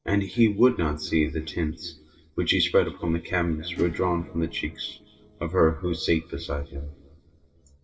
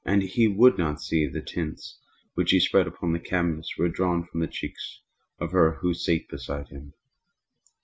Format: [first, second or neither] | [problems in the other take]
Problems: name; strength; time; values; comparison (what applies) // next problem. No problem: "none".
second | noise reduction (neural separator model SepFormer DNS4)